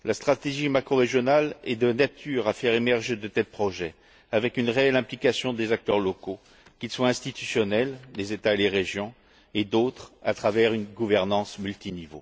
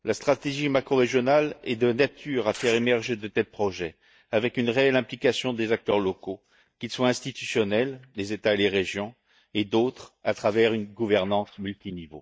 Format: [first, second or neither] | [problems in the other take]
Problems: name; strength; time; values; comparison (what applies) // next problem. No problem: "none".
first | noise reduction (neural mask model DeepFilterNet 3)